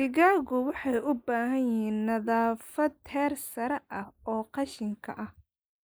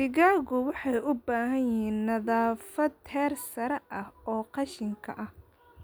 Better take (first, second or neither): second